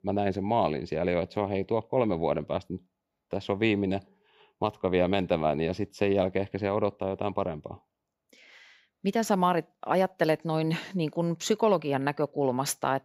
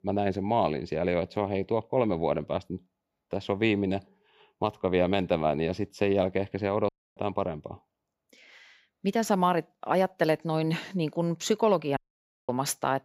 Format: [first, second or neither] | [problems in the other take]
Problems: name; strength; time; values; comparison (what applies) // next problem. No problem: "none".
first | audio cutting out; at 7 s and at 12 s for 0.5 s